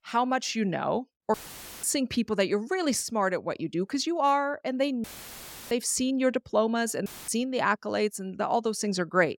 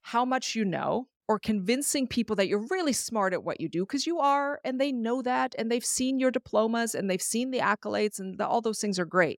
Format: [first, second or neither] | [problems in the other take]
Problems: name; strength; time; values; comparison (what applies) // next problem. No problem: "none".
second | audio cutting out; filled with static; at 1.5 s, at 5 s for 0.5 s and at 7 s